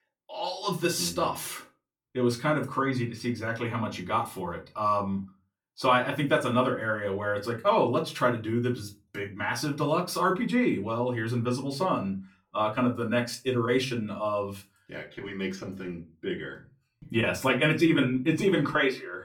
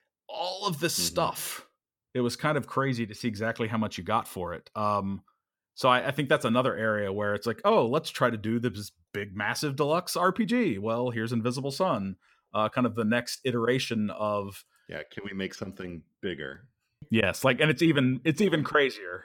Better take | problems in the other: second | off-mic speech; far // room echo; very slight; dies away in 0.2 s

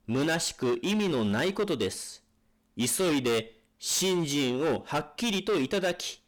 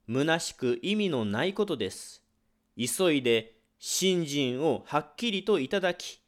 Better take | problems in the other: second | distortion; heavy; 18% of the sound clipped

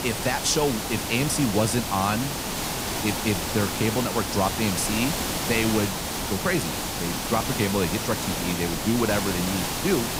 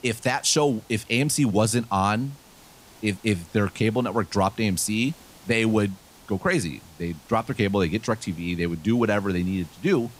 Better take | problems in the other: second | hiss; loud; throughout; 1 dB below the speech; faint in the second

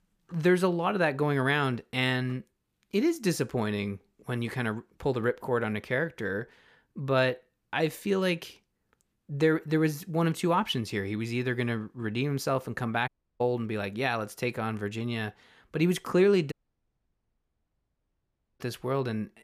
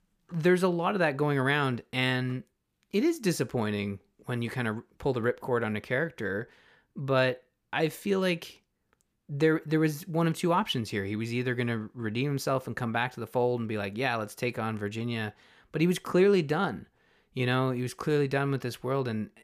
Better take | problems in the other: second | audio cutting out; at 13 s and at 17 s for 2 s

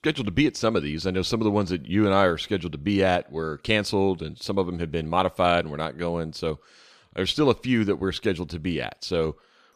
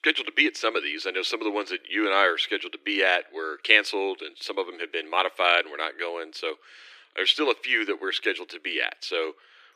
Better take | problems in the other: first | thin; very; fading below 300 Hz

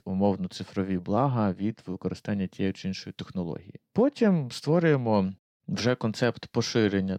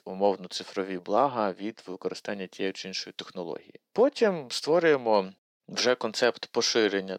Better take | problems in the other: first | thin; somewhat; fading below 450 Hz

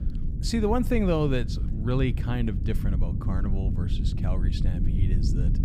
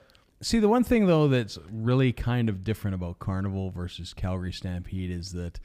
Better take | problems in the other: second | low rumble; loud; throughout; 10 dB below the speech

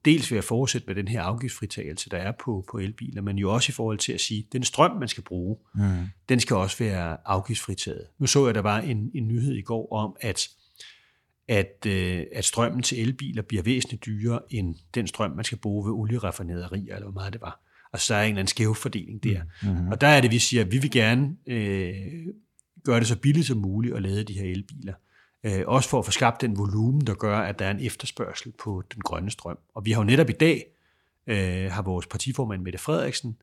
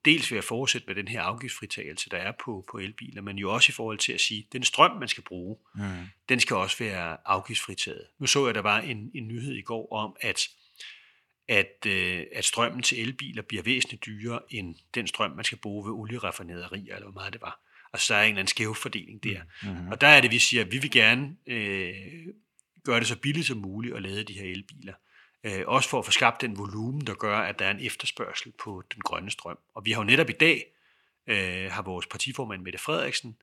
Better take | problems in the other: first | thin; somewhat; fading below 600 Hz

